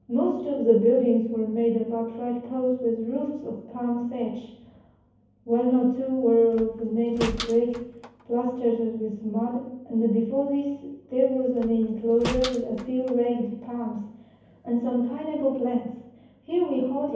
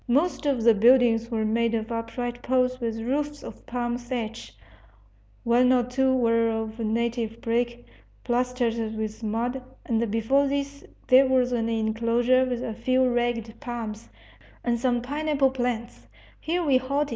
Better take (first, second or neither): second